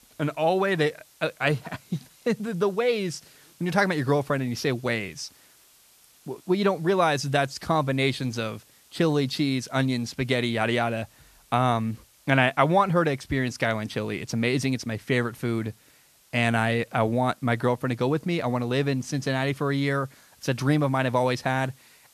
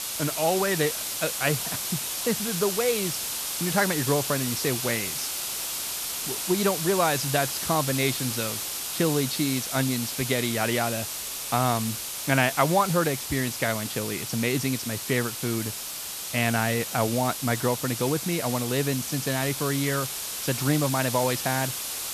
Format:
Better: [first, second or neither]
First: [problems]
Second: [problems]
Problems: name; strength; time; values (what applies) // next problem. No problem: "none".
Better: first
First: hiss; faint; throughout; 30 dB below the speech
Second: hiss; loud; throughout; 3 dB below the speech